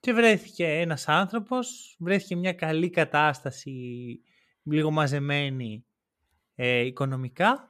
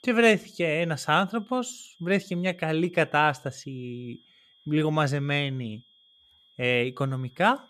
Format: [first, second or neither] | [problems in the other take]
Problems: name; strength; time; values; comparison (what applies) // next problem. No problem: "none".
first | high-pitched whine; faint; throughout; 3 kHz, 30 dB below the speech